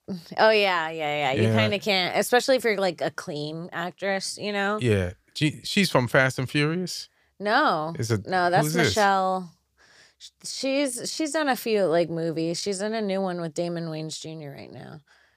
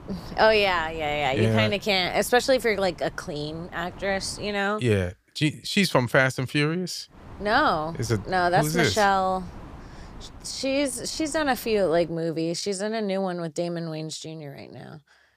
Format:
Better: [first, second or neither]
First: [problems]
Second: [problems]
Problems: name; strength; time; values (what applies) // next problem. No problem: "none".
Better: first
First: none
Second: wind noise on the microphone; occasional gusts; until 4.5 s and from 7 to 12 s; 25 dB below the speech